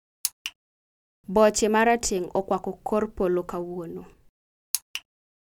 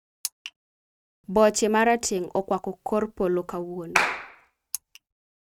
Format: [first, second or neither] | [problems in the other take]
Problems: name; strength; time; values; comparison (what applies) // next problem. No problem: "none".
first | noise reduction (neural mask model RNNoise)